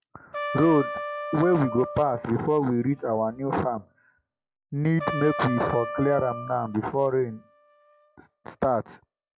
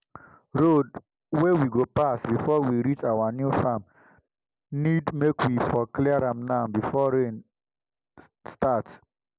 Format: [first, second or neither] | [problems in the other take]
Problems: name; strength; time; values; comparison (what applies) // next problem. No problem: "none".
second | noise reduction (classical method log-MMSE)